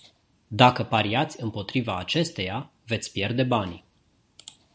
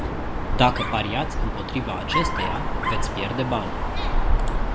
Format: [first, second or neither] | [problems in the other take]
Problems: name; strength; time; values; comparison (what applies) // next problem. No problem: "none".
first | background sound (Dog); 4 dB above the speech